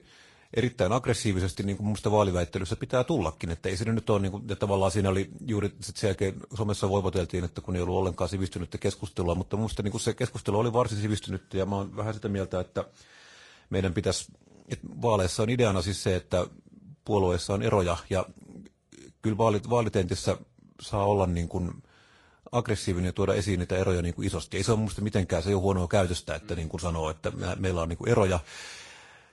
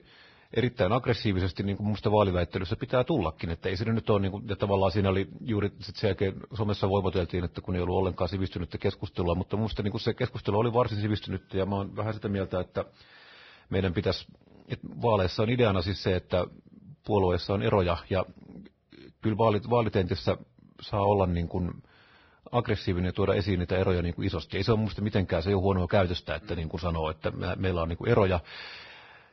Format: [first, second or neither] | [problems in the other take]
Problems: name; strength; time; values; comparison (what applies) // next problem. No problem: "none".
first | garbled, watery; badly; nothing above 5.5 kHz; slightly in the first